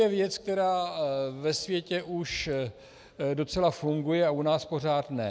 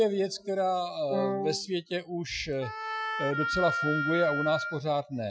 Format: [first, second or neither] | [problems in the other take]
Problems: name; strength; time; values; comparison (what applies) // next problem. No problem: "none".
first | noise reduction (classical method Wiener filter)